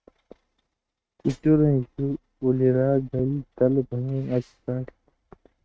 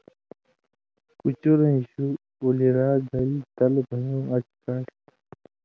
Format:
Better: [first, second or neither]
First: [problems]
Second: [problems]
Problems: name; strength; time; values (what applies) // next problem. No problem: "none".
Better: second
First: noise reduction (neural mask model RNNoise)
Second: none